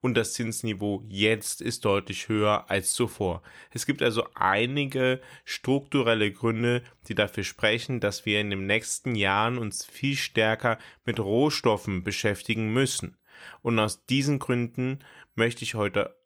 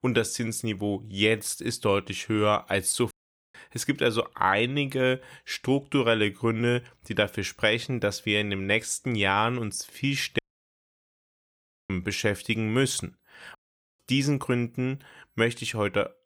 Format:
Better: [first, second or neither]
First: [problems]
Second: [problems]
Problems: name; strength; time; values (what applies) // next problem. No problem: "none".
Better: first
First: none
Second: audio cutting out; at 3 s, at 10 s for 1.5 s and at 14 s